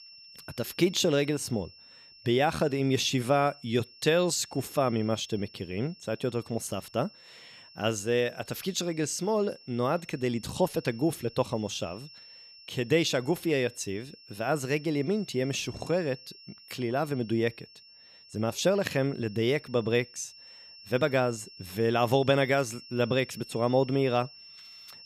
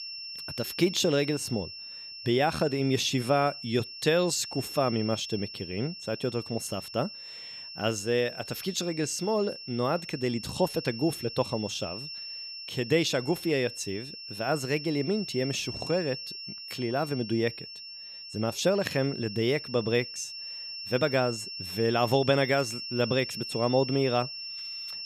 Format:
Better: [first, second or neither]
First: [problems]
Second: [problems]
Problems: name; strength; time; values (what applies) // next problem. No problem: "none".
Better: first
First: high-pitched whine; faint; throughout; 5.5 kHz, 20 dB below the speech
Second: high-pitched whine; loud; throughout; 5.5 kHz, 9 dB below the speech